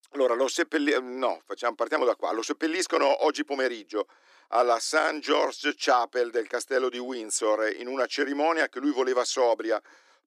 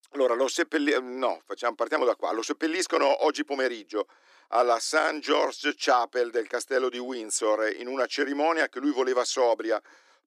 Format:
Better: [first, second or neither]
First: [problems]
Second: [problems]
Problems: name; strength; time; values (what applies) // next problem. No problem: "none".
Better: neither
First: thin; very slightly; fading below 300 Hz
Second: thin; very slightly; fading below 300 Hz